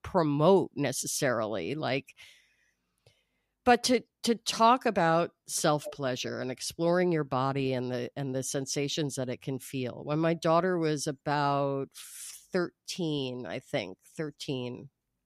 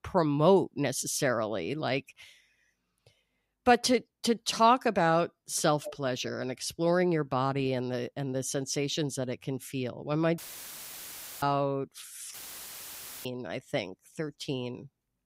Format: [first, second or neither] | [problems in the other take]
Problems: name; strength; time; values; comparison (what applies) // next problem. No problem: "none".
first | audio cutting out; filled with static; at 10 s for 1 s and at 12 s for 1 s